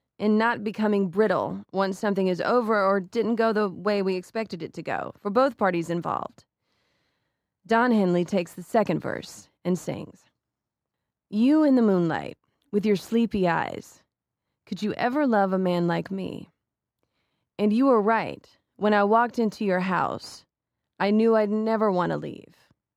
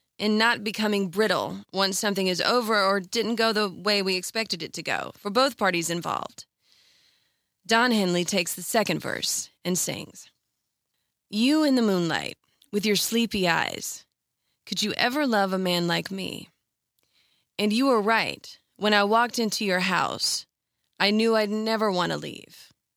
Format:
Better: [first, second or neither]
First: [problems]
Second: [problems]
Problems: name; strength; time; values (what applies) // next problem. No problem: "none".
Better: second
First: muffled; very; fading above 2 kHz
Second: none